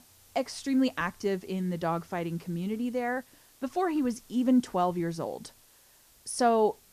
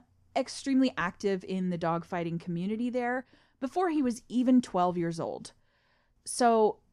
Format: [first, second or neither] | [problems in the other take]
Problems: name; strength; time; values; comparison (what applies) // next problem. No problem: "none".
second | hiss; faint; throughout; 25 dB below the speech